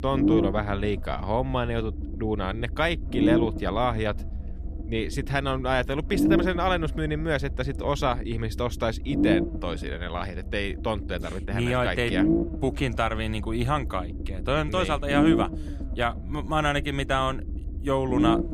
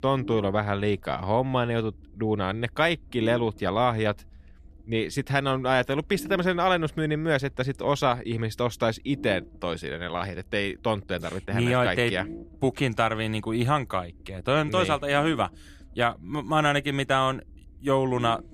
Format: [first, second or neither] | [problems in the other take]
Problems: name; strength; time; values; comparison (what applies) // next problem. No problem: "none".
second | low rumble; loud; throughout; 2 dB below the speech; faint in the second